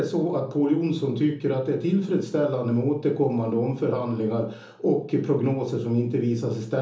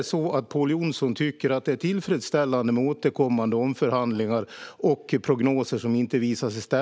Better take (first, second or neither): second